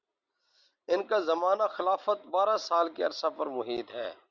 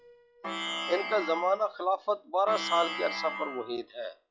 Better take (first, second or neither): first